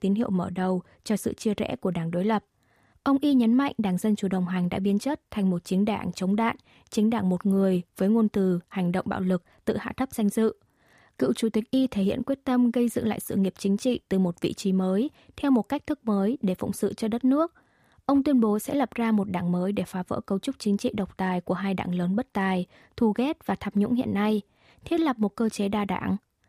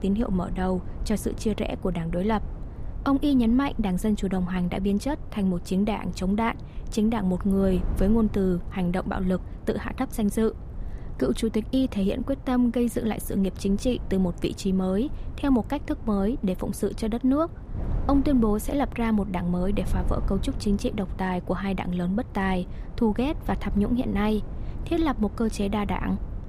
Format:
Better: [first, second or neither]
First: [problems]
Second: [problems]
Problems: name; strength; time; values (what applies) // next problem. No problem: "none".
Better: first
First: none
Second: wind noise on the microphone; occasional gusts; 20 dB below the speech